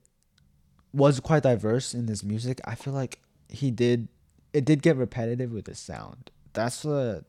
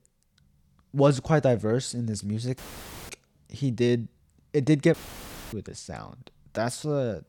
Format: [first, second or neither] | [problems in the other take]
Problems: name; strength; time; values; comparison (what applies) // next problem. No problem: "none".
first | audio cutting out; filled with static; at 2.5 s for 0.5 s and at 5 s for 0.5 s